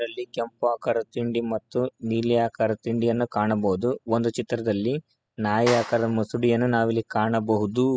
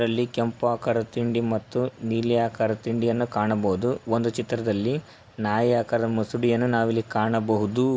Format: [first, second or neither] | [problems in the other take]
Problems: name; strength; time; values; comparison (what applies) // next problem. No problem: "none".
second | noise reduction (classical method spectral subtraction)